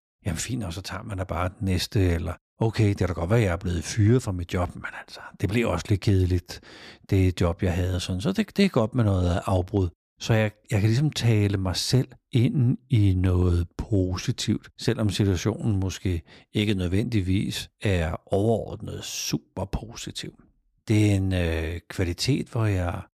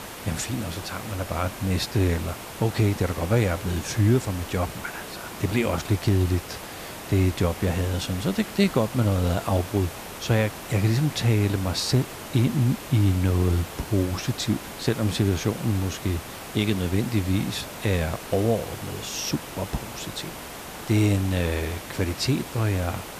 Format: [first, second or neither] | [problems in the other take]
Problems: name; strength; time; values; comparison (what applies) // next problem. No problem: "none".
first | hiss; noticeable; throughout; 10 dB below the speech